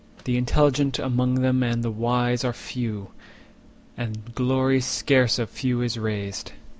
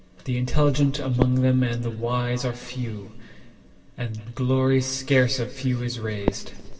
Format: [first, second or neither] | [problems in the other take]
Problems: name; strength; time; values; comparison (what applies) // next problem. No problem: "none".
first | background sound (Fireworks); 12 dB below the speech // room echo; dies away in 1.9 s